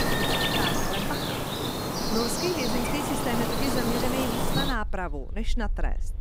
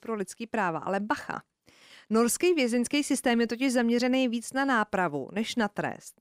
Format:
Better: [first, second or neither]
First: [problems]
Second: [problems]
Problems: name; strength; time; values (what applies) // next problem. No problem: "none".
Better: second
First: animal sounds; very loud; throughout; 4 dB above the speech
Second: none